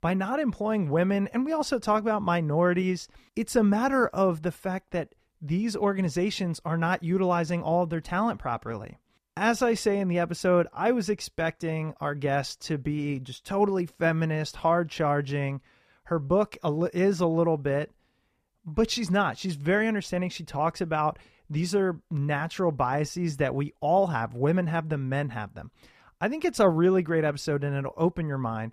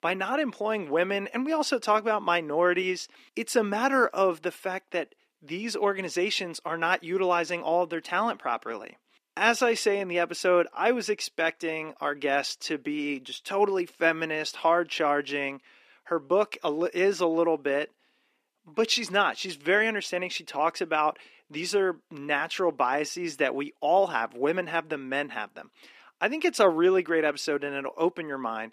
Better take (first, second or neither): first